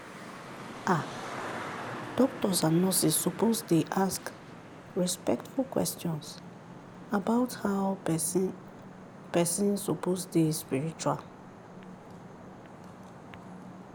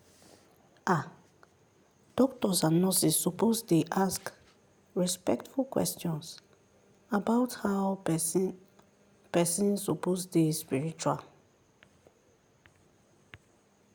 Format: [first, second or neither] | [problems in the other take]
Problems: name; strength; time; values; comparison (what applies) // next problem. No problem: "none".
second | background sound (Traffic noise, roadway noise); 13 dB below the speech